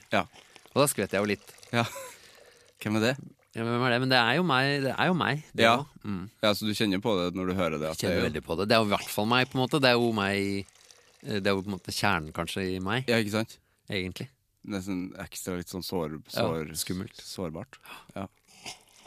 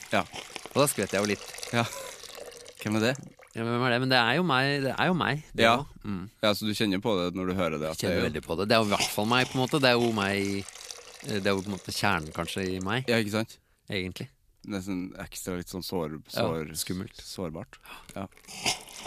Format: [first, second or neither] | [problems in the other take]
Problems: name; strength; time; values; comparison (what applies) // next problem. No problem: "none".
first | hiss; loud; throughout; 10 dB below the speech; faint in the first